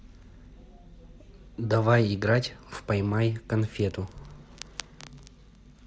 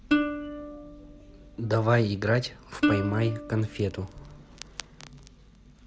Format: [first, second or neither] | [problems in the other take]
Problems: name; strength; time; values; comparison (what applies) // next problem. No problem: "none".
first | background sound (Plucked string instrument); 3 dB below the speech